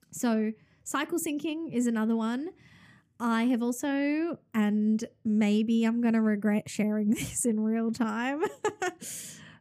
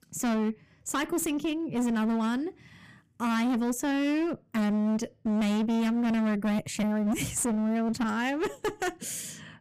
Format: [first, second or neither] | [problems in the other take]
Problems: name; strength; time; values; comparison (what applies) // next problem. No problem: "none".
first | distortion; slight; 26% of the sound clipped